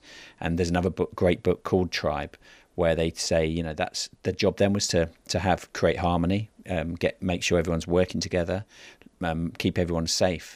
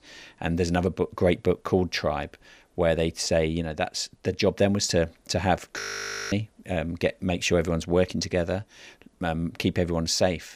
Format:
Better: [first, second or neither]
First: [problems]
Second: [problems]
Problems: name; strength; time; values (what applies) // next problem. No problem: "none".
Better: first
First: none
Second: audio freezing; at 6 s for 0.5 s